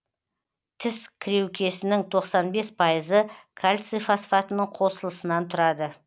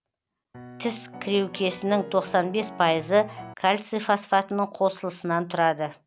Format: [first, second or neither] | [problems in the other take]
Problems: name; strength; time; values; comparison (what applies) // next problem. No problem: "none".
first | background sound (Piano); 15 dB below the speech